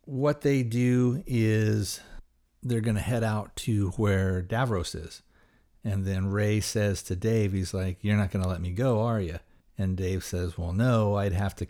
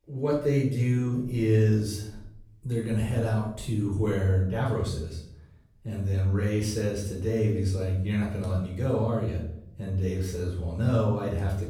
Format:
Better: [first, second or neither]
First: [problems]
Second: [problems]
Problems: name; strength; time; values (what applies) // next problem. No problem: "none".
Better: first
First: none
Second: off-mic speech; far // room echo; noticeable; dies away in 0.7 s